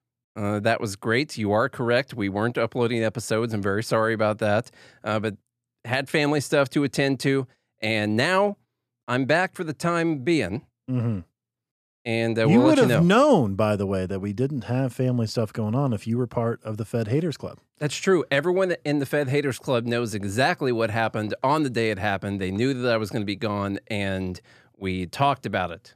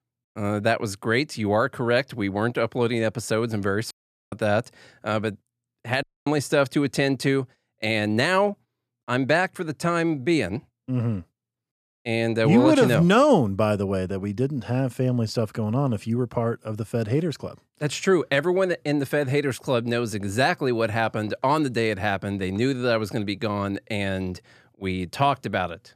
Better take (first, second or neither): first